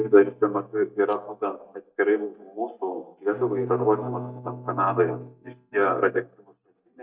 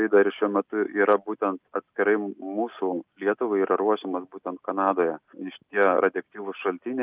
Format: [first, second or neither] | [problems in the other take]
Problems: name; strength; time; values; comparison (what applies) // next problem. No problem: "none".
second | noise reduction (neural mask model DeepFilterNet 3)